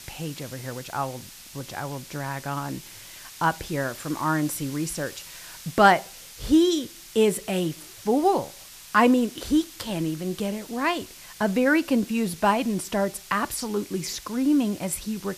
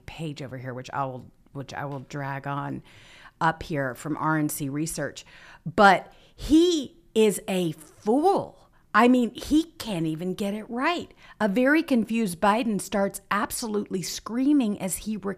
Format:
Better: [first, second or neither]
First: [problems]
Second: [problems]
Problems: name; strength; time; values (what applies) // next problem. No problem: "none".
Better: second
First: hiss; noticeable; throughout; 15 dB below the speech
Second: none